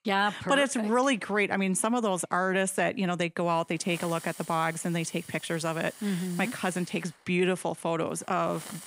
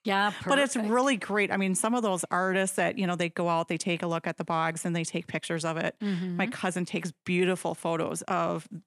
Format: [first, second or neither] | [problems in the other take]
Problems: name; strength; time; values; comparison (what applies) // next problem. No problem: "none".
second | hiss; noticeable; from 3 s on; 15 dB below the speech